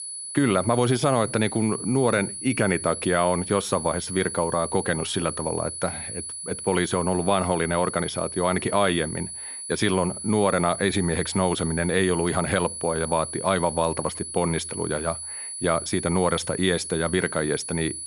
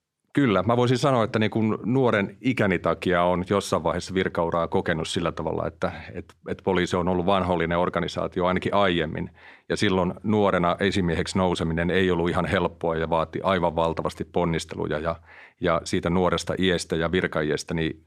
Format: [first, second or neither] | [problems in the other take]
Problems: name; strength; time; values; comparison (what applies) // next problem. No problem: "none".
second | high-pitched whine; loud; throughout; 10 kHz, 7 dB below the speech